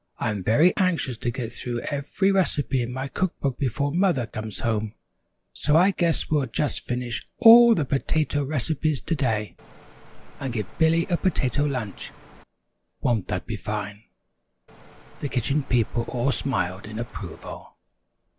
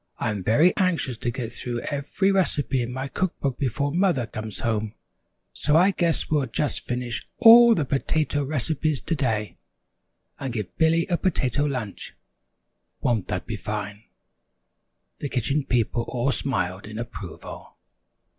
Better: second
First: background sound (Cricket); 16 dB below the speech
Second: none

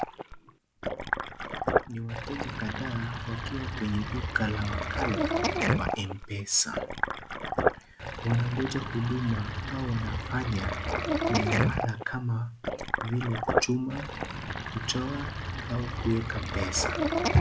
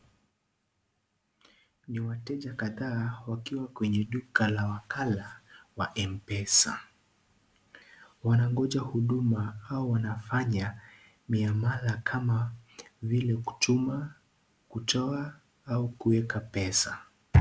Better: second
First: background sound (Sink (filling or washing)); 1 dB above the speech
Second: none

